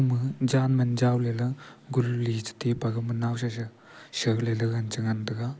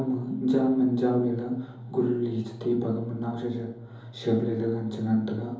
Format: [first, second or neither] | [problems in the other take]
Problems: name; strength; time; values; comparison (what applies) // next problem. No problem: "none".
first | room echo; dies away in 2.8 s